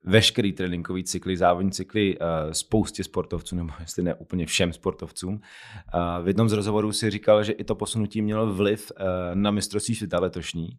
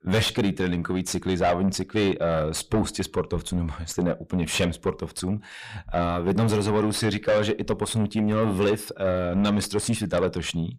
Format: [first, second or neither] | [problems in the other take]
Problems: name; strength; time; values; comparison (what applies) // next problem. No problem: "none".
first | distortion; heavy; 6 dB below the speech